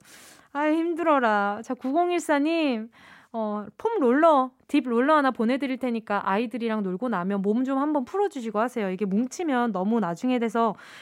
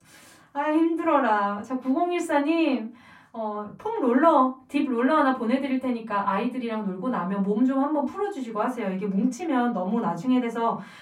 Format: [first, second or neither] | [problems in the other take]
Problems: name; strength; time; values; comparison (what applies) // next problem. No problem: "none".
first | off-mic speech; far // room echo; very slight; dies away in 0.3 s